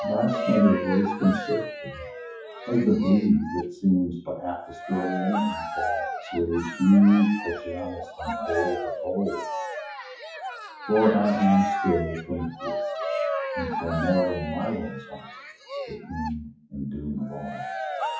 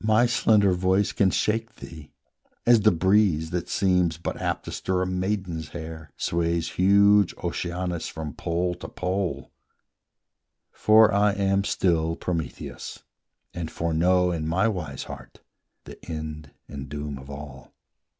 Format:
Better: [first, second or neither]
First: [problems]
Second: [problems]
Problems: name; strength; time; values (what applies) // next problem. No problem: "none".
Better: second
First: noise reduction (classical method WPE with log-MMSE)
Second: none